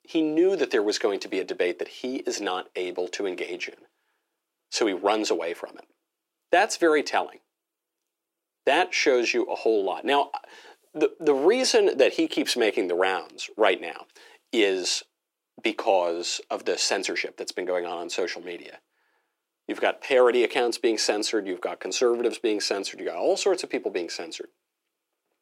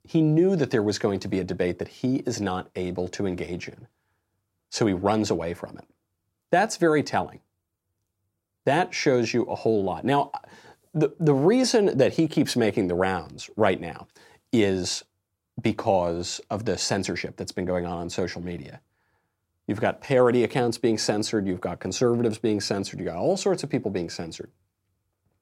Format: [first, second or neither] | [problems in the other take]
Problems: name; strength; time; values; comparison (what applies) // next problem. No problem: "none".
second | thin; somewhat; fading below 350 Hz